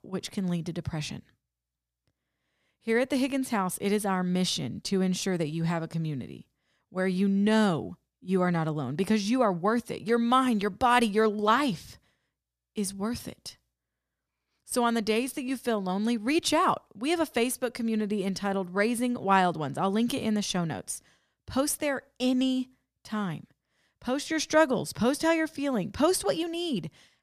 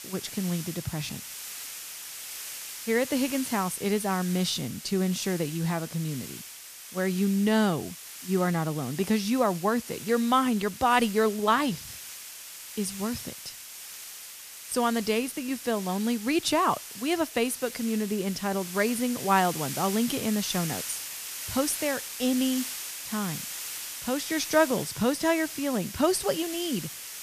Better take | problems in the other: first | hiss; loud; throughout; 9 dB below the speech

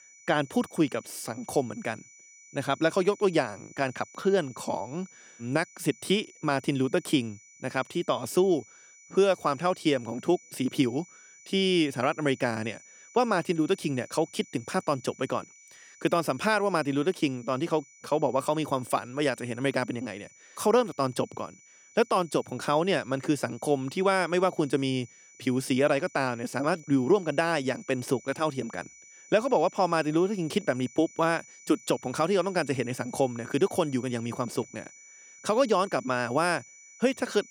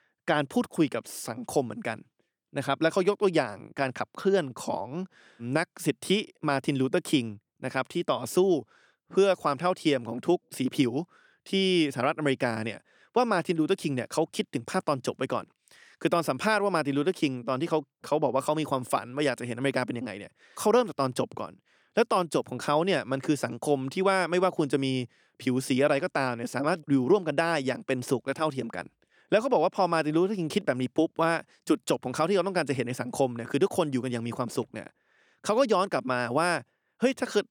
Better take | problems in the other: second | high-pitched whine; faint; throughout; 6 kHz, 25 dB below the speech

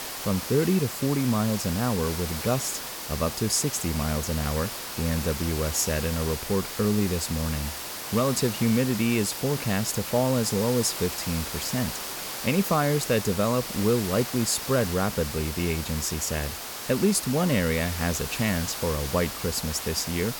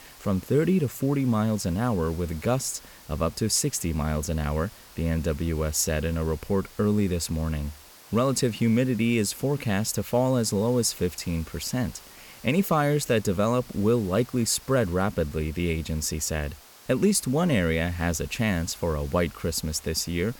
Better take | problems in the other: second | hiss; loud; throughout; 6 dB below the speech; faint in the second

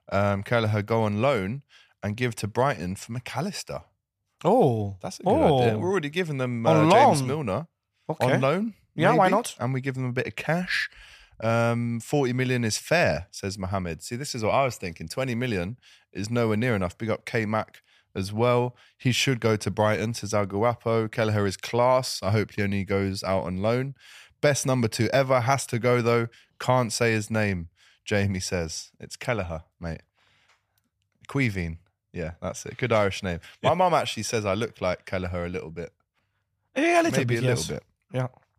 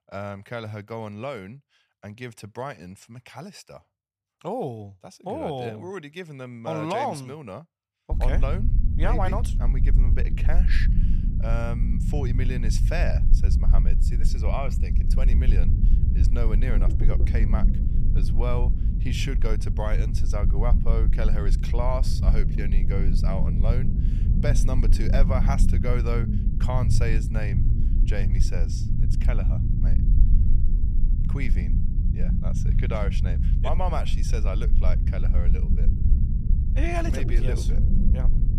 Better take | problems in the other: first | low rumble; loud; from 8 s on; 7 dB below the speech

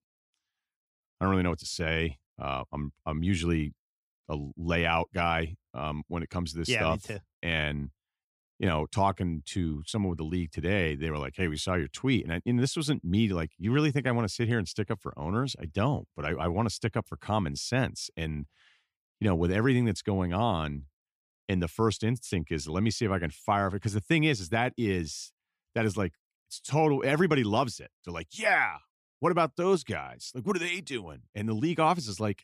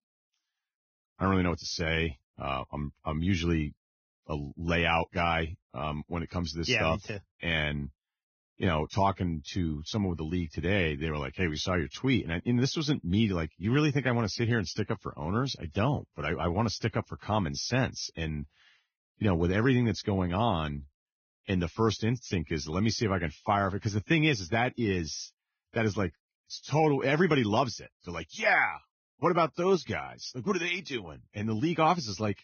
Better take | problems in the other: first | garbled, watery; badly; nothing above 6.5 kHz

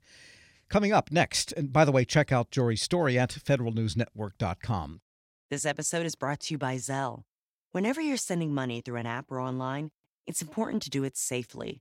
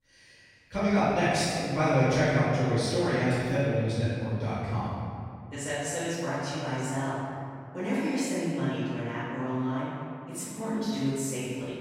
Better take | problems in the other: first | off-mic speech; far // room echo; strong; dies away in 2.1 s

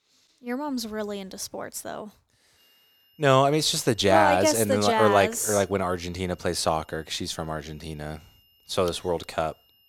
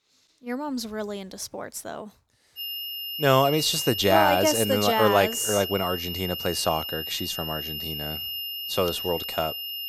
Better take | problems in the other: first | high-pitched whine; loud; from 2.5 s on; 3 kHz, 6 dB below the speech; faint in the first

